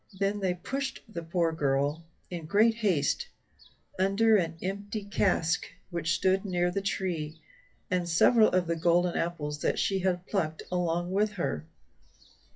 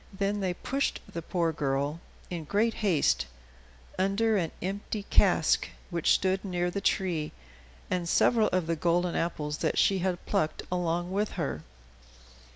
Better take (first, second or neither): second